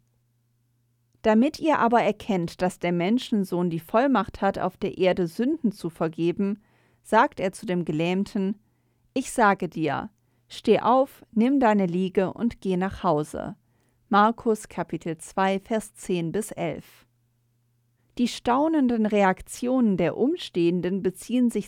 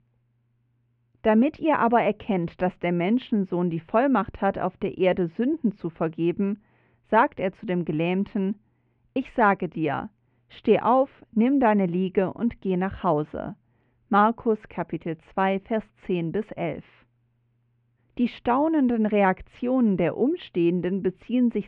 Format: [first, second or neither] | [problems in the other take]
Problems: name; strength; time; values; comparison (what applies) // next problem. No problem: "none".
first | muffled; very; fading above 2.5 kHz